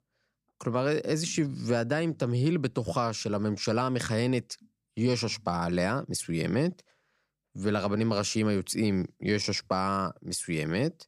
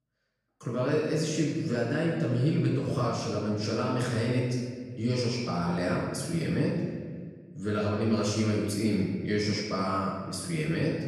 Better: first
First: none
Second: off-mic speech; far // room echo; noticeable; dies away in 1.5 s

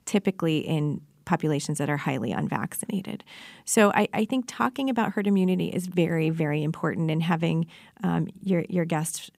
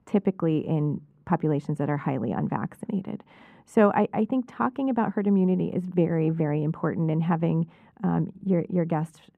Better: first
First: none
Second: muffled; very; fading above 2.5 kHz

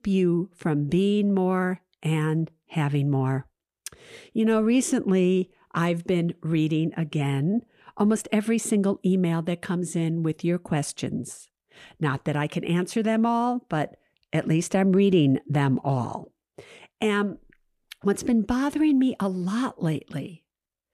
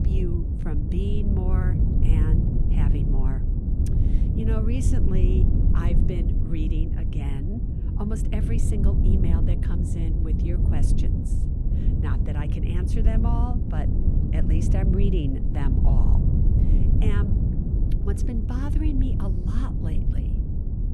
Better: first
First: none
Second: wind noise on the microphone; heavy; as loud as the speech

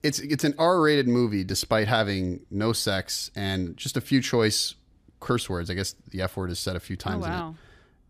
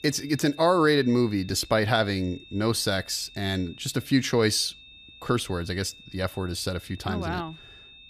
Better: first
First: none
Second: high-pitched whine; faint; throughout; 3.5 kHz, 20 dB below the speech

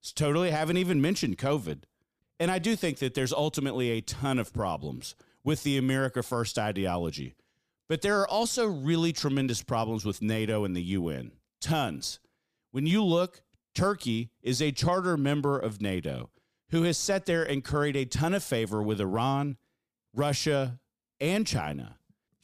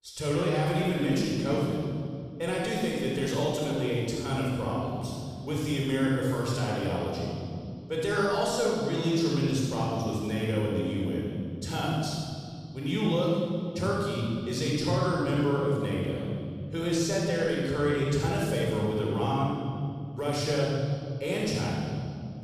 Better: first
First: none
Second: off-mic speech; far // room echo; strong; dies away in 2.4 s

